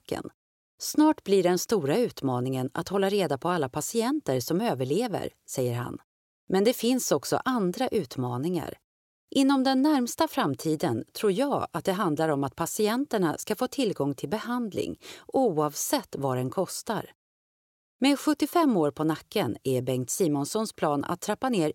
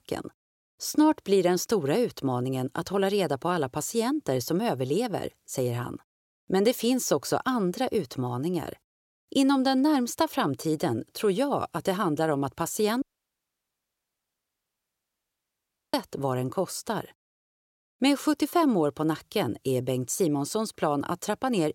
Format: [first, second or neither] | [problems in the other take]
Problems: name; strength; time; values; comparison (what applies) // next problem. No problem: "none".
first | audio cutting out; at 13 s for 3 s